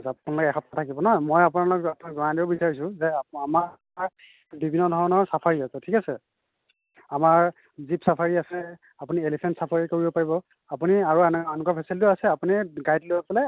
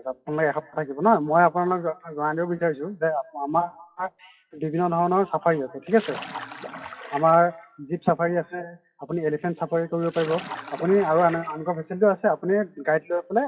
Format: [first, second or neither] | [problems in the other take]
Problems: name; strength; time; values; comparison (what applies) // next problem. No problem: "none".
first | noise reduction (classical method WPE with log-MMSE)